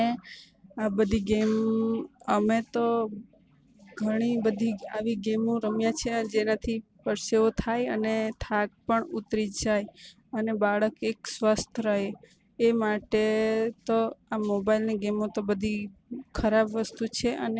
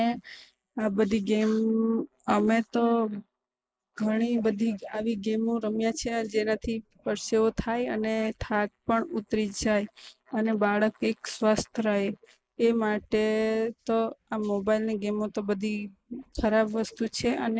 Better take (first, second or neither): first